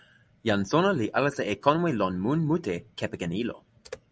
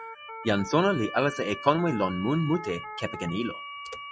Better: first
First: none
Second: noise reduction (classical method log-MMSE)

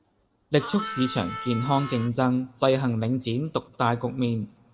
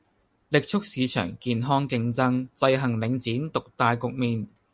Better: second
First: background sound (Harmonica); 10 dB below the speech // room echo; dies away in 0.6 s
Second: none

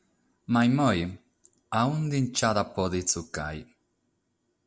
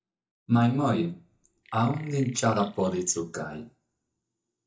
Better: first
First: none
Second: noise reduction (neural mask model DeepFilterNet 3)

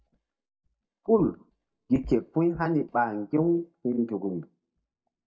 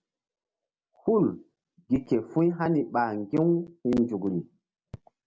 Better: second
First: noise reduction (neural mask model DeepFilterNet 3)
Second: none

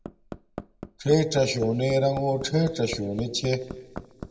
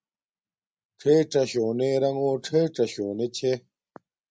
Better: second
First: background sound (Hammer); 15 dB below the speech // room echo; dies away in 1.1 s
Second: none

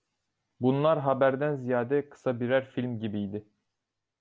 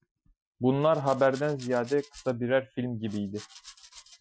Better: first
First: none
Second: noise reduction (classical method Wiener filter)

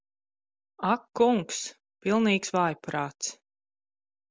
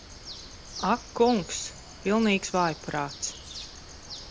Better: first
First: none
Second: background sound (Bird); 13 dB below the speech

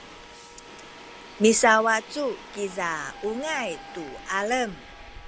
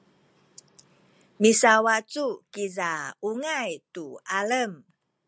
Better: second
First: background sound (Wind instrument, woodwind instrument + Subway, metro, underground); 17 dB below the speech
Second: none

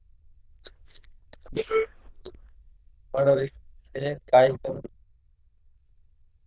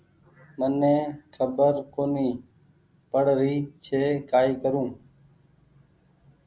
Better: second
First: noise reduction (neural diffusion model UNIVERSE++)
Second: none

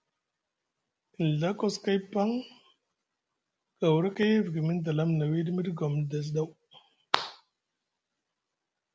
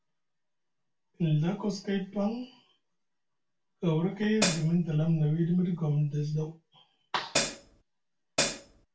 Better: first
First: none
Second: background sound (Hi-hat); as loud as the speech // room echo; dies away in 0.2 s

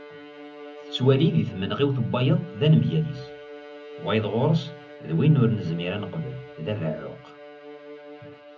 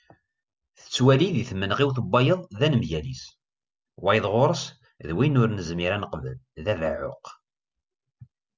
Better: second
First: background sound (Bowed string instrument); 17 dB below the speech // room echo; dies away in 0.4 s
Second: none

